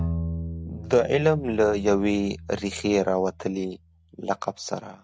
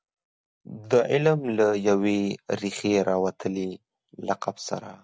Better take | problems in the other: second | background sound (Bowed string instrument); 10 dB below the speech

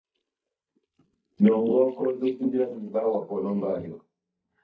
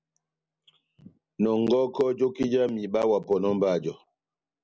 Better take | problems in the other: second | noise reduction (neural mask model DeepFilterNet 3)

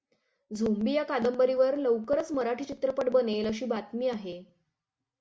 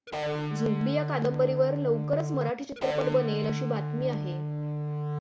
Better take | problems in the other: first | background sound (Electric guitar); 2 dB below the speech

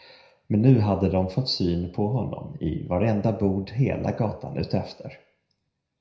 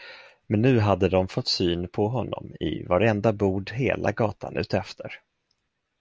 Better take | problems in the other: second | room echo; dies away in 0.5 s

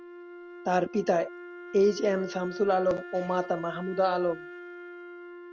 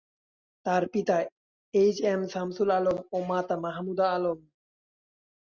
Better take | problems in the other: second | background sound (Wind instrument, woodwind instrument); 14 dB below the speech

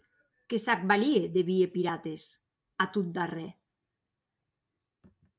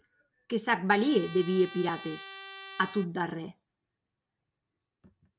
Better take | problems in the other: first | background sound (Trumpet); 14 dB below the speech

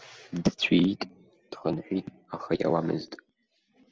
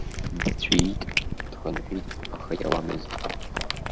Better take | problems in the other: first | background sound (Cat); 2 dB above the speech

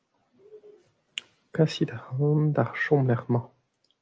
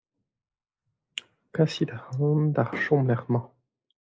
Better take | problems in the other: first | noise reduction (neural mask model Resemble Enhance denoiser)

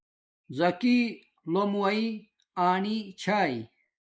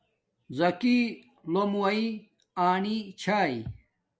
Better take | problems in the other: second | noise reduction (neural mask model Resemble Enhance denoiser)

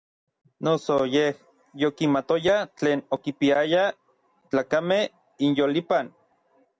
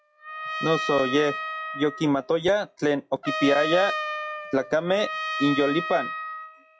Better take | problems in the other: first | noise reduction (classical method log-MMSE)

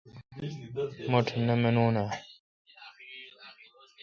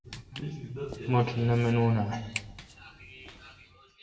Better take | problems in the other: first | background sound (Walk, footsteps); 16 dB below the speech // room echo; dies away in 1.2 s

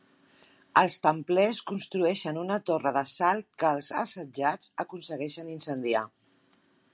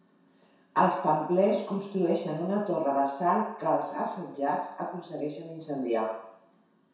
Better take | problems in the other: first | room echo; dies away in 0.7 s

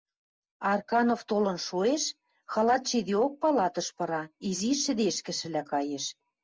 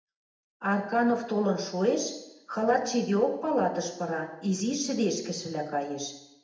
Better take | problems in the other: first | room echo; dies away in 0.7 s

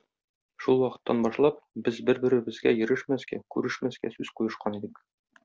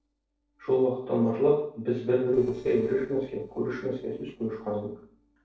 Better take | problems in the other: first | noise reduction (neural separator model SepFormer DNS4)

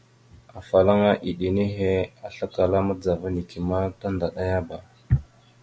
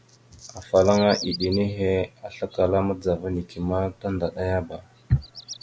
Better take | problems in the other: first | background sound (Bird vocalization, bird call, bird song); 17 dB below the speech

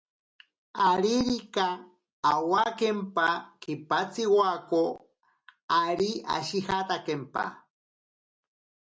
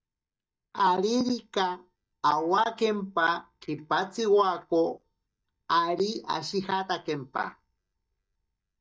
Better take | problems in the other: first | noise reduction (neural mask model DeepFilterNet 3)

